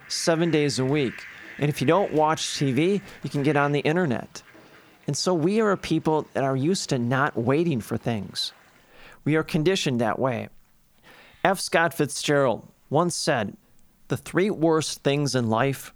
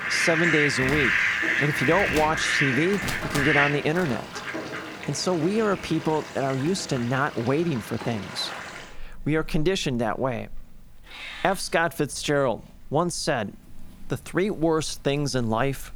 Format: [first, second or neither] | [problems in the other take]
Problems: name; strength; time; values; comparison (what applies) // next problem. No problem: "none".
first | animal sounds; loud; throughout; 1 dB below the speech; faint in the first